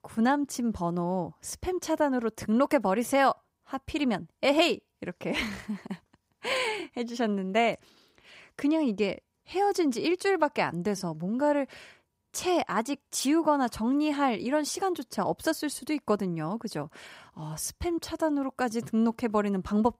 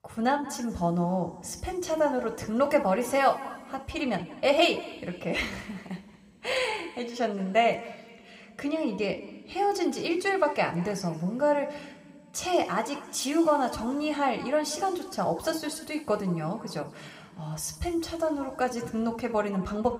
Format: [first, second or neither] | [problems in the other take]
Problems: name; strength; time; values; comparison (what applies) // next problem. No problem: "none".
first | room echo; slight; dies away in 2.8 s